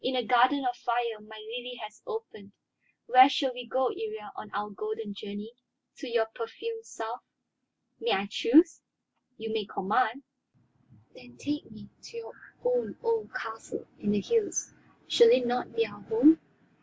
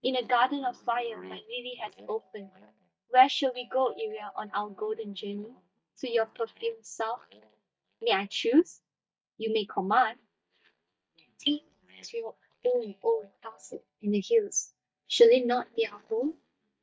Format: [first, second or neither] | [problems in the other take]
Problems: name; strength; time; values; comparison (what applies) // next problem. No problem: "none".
first | noise reduction (neural mask model DeepFilterNet 3)